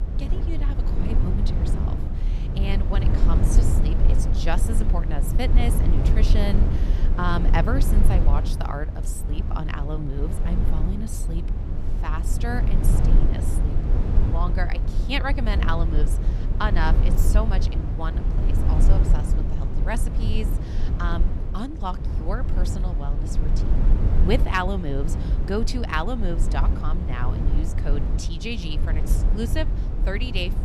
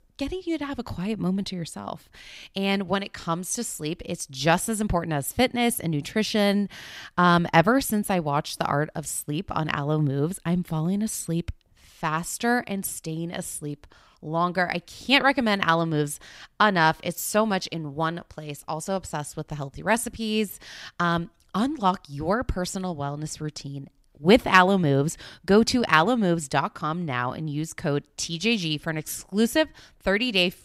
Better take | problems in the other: second | low rumble; loud; throughout; 6 dB below the speech

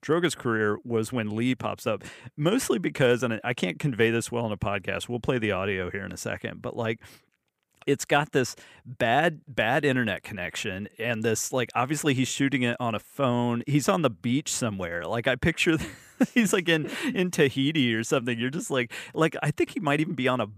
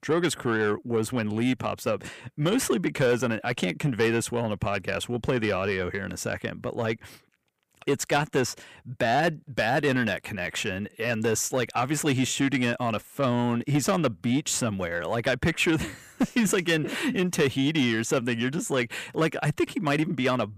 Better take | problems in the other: first | distortion; slight; 10 dB below the speech

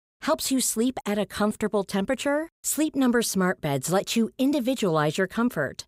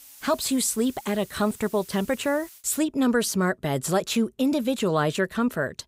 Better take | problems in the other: first | hiss; faint; until 2.5 s; 20 dB below the speech

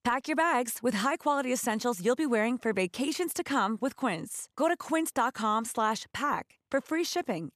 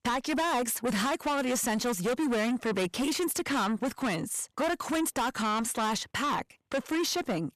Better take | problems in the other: first | distortion; heavy; 6 dB below the speech

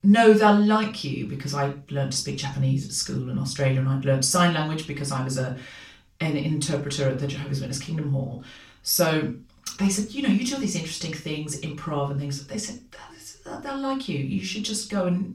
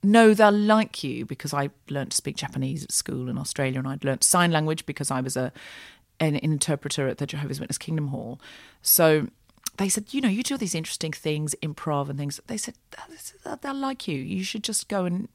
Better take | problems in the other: second | room echo; slight; dies away in 0.3 s // off-mic speech; far

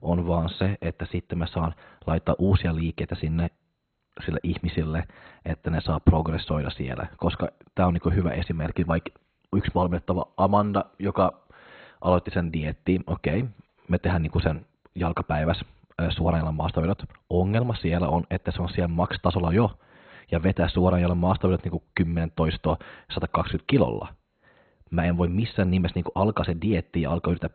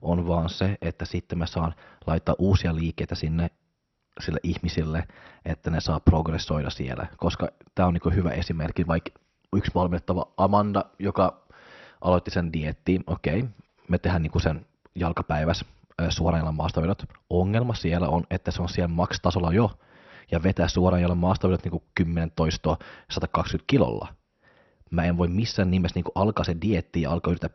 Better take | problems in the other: second | garbled, watery; badly; nothing above 4 kHz; slightly in the second

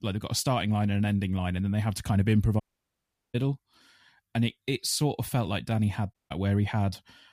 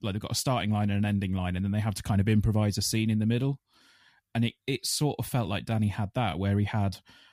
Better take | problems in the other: second | audio cutting out; at 2.5 s for 0.5 s and at 6 s

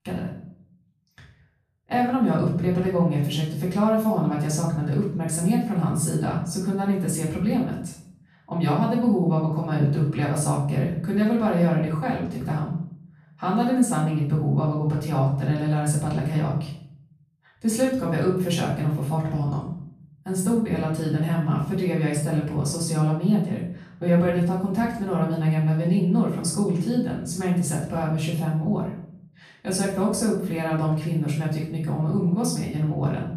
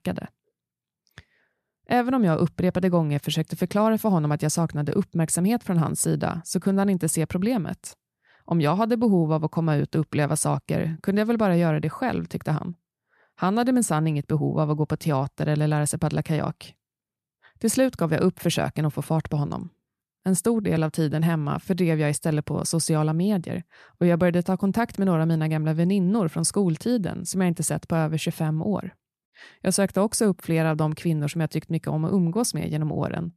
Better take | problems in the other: second | off-mic speech; far // room echo; noticeable; dies away in 0.6 s

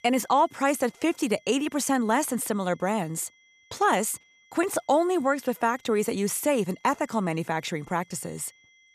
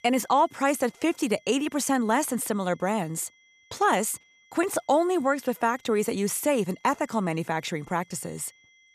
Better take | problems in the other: neither | high-pitched whine; faint; throughout; 2 kHz, 30 dB below the speech; the same in both

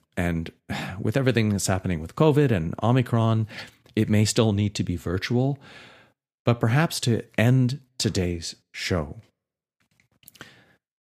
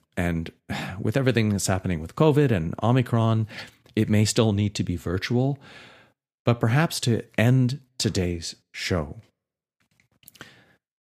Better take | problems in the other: neither | none

